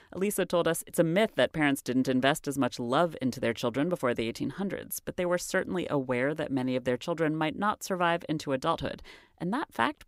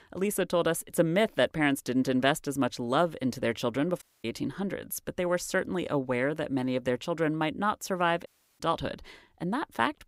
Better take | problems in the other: first | audio cutting out; at 4 s and at 8.5 s

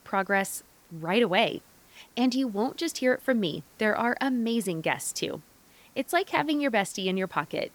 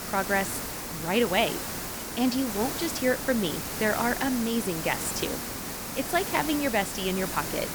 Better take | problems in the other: first | hiss; loud; throughout; 4 dB below the speech; faint in the first

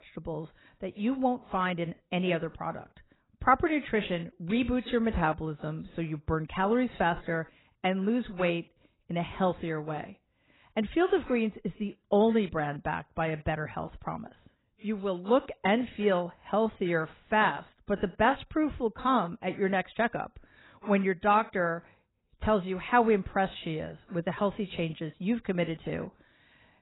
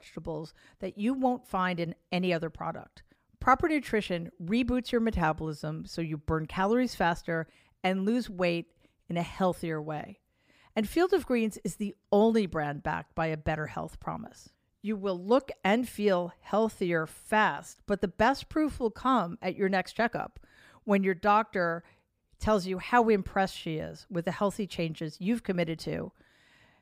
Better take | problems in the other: second | garbled, watery; badly; nothing above 4 kHz

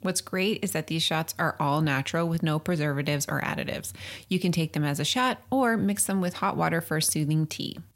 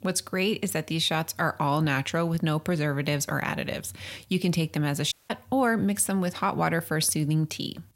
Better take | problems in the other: first | audio cutting out; at 5 s

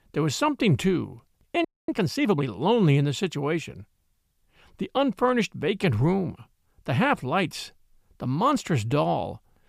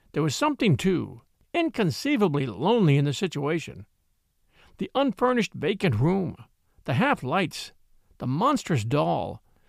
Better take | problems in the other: second | audio freezing; at 1.5 s

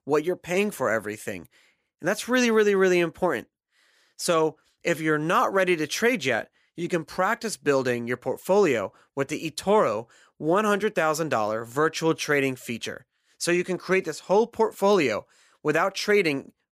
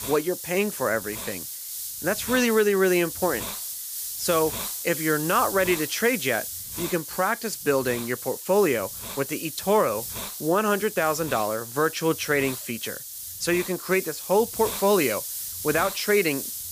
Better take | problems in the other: first | hiss; loud; throughout; 7 dB below the speech

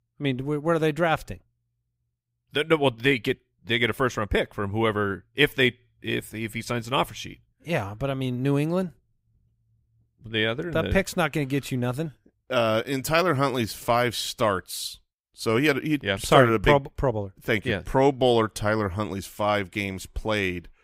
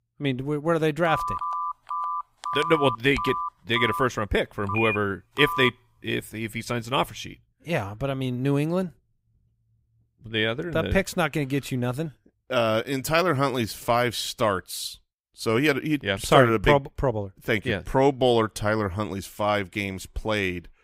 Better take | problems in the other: first | phone ringing; noticeable; from 1 to 5.5 s; peak 2 dB below the speech

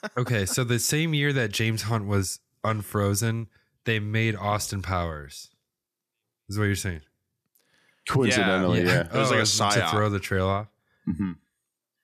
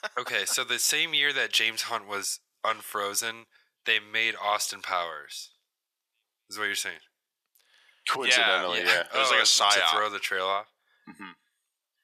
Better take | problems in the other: first | thin; very; fading below 750 Hz

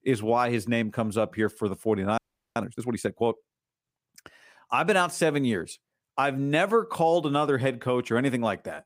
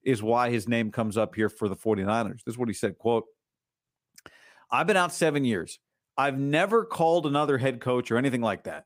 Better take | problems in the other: second | audio freezing; at 2 s

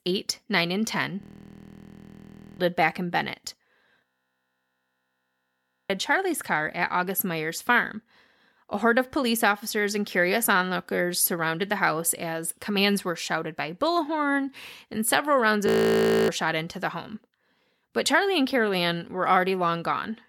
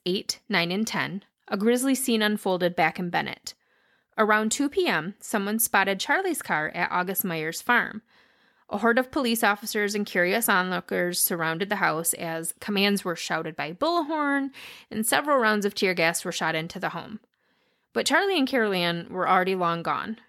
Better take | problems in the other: second | audio freezing; at 1 s for 1.5 s, at 4 s for 2 s and at 16 s for 0.5 s

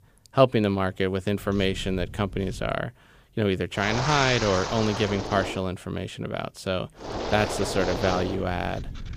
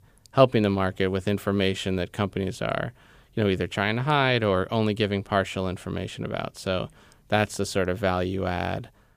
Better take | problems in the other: second | wind noise on the microphone; heavy; from 1.5 to 2.5 s, from 4 to 5.5 s and from 7 s on; 4 dB below the speech

